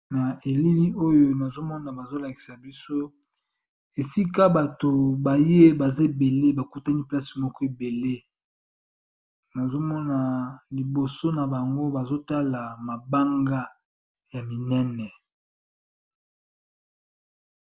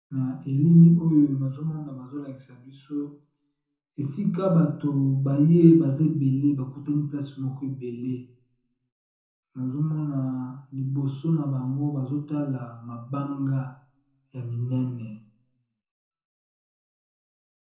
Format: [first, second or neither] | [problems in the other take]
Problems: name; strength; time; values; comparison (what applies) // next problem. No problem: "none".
first | room echo; dies away in 0.6 s